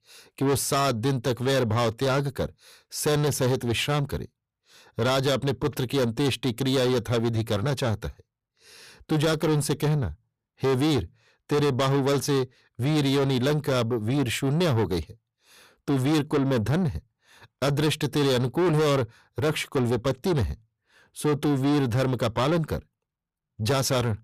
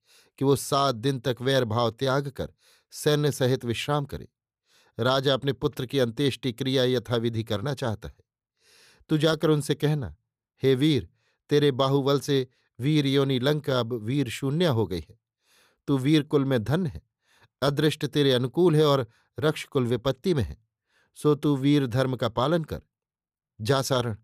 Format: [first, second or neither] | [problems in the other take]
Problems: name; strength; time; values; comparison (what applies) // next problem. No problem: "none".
second | distortion; heavy; 8 dB below the speech